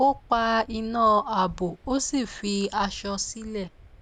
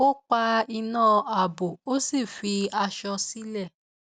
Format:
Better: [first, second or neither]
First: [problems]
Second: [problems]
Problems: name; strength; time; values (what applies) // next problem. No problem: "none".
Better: second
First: background sound (Waves, surf); 20 dB below the speech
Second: none